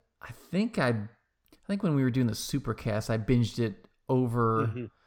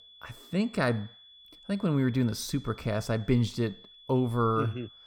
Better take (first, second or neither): first